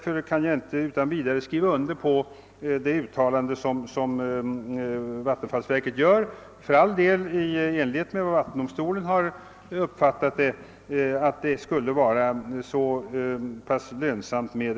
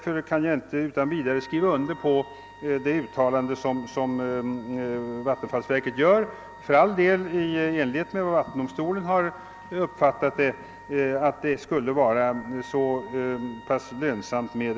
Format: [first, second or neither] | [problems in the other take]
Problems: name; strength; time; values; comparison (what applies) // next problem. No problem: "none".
first | background sound (Wind instrument, woodwind instrument); 20 dB below the speech